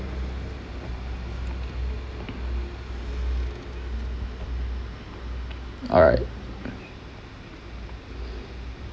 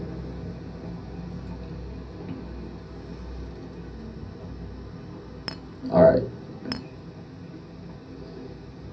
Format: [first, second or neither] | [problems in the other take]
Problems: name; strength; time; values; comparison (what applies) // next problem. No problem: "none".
first | background sound (Chink, clink); 12 dB below the speech // room echo; dies away in 0.3 s